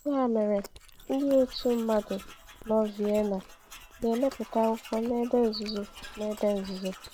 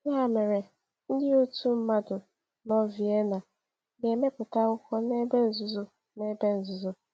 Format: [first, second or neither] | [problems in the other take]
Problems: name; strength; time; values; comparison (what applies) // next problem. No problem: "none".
second | background sound (Tools + Chewing, mastication); 18 dB below the speech